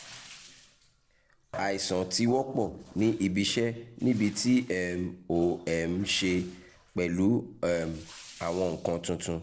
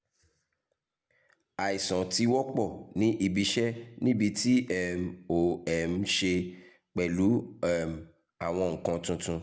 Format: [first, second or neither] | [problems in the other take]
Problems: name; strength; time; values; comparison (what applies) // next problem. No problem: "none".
second | noise reduction (neural separator model SepFormer DNS4)